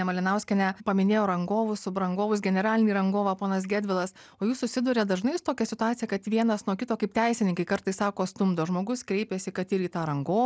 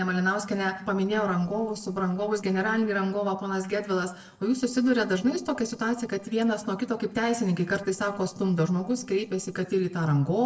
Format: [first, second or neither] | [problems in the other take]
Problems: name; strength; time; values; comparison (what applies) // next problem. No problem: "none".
first | noise reduction (neural separator model SepFormer DNS4)